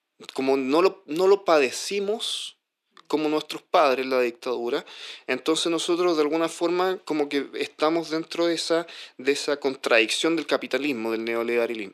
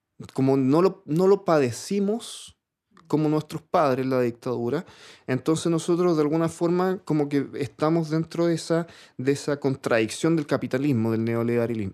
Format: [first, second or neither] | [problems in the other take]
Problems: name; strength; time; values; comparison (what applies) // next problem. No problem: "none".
second | thin; somewhat; fading below 350 Hz